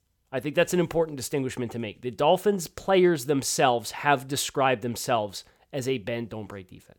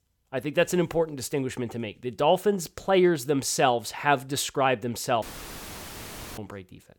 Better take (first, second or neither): first